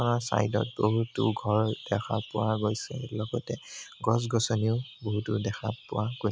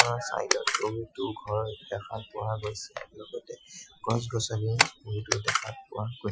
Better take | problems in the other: first | noise reduction (classical method Wiener filter)

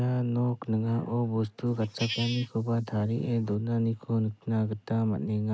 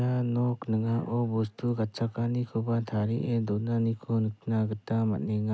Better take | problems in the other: second | noise reduction (neural mask model Resemble Enhance denoiser)

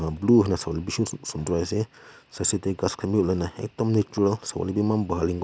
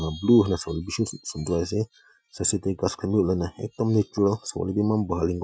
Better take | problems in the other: first | noise reduction (classical method Wiener filter)

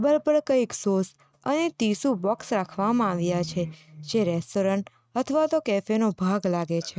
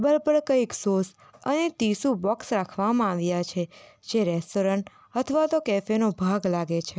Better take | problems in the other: second | noise reduction (neural mask model RNNoise)

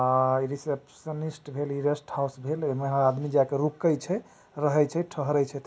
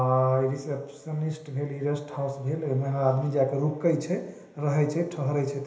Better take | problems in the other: first | room echo; dies away in 1.4 s

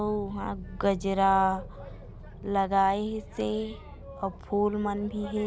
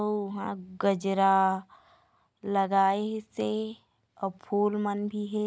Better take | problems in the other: second | background sound (Boat, Water vehicle); 13 dB below the speech

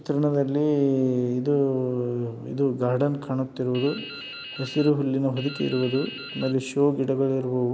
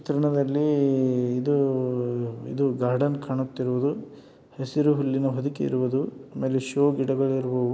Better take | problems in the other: second | background sound (Drip); 15 dB below the speech

